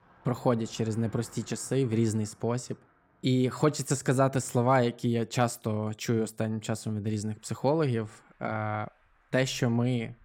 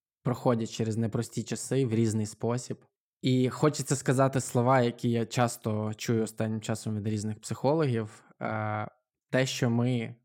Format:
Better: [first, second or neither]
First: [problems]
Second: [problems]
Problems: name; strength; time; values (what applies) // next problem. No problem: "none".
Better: second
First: traffic noise; faint; throughout; 30 dB below the speech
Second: none